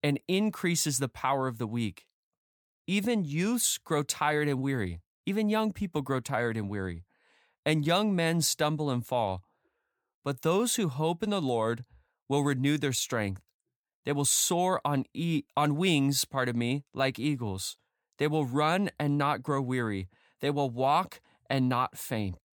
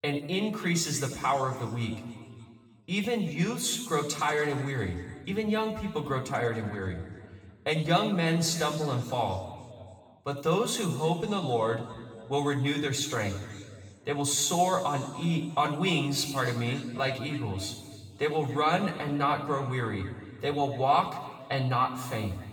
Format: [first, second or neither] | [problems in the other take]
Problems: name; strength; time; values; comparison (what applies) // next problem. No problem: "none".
first | room echo; noticeable; dies away in 2 s // off-mic speech; far